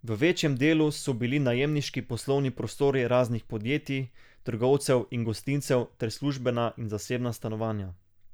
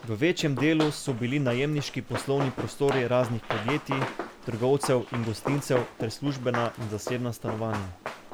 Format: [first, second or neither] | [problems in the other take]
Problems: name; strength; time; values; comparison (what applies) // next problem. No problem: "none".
first | background sound (Run); 9 dB below the speech